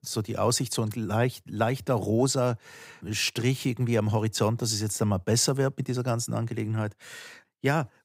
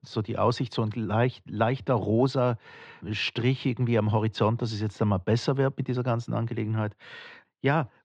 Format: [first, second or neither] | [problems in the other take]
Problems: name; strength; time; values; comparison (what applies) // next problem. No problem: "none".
first | muffled; slightly; fading above 3.5 kHz